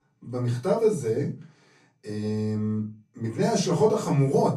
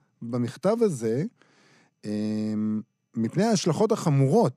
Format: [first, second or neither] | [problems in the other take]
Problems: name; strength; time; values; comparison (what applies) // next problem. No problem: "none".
second | off-mic speech; far // room echo; slight; dies away in 0.3 s